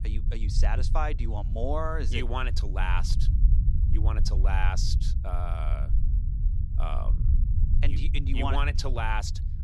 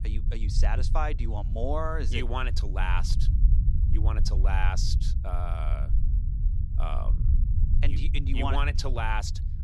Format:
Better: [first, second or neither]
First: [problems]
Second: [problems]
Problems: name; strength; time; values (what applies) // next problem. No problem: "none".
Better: neither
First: low rumble; noticeable; throughout; 10 dB below the speech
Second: low rumble; noticeable; throughout; 10 dB below the speech